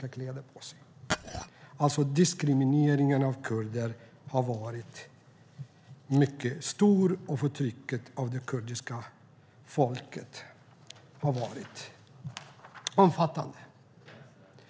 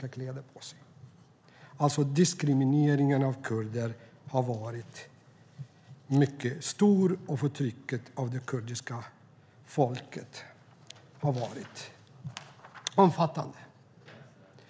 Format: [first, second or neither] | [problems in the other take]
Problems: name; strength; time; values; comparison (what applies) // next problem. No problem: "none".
second | background sound (Glass); 4 dB below the speech